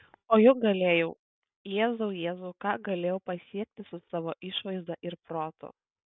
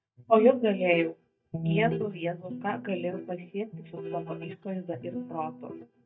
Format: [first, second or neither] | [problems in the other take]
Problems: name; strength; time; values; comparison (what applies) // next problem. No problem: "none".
first | noise reduction (neural mask model DeepFilterNet 3)